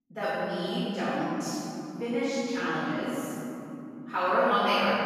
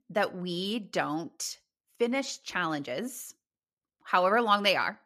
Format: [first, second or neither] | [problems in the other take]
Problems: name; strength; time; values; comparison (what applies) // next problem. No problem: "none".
second | off-mic speech; far // room echo; strong; dies away in 3 s